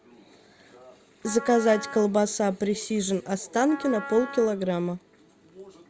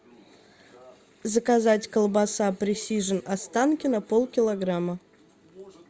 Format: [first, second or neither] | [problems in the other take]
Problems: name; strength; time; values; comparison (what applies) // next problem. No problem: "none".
second | background sound (Wind instrument, woodwind instrument); 14 dB below the speech